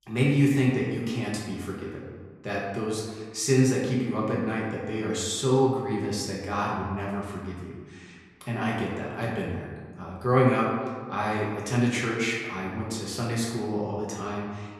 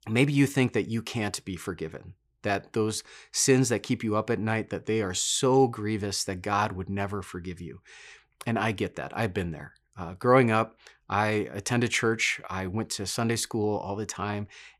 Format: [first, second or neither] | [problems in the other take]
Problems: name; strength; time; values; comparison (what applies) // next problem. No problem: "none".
second | room echo; noticeable; dies away in 1.4 s // off-mic speech; far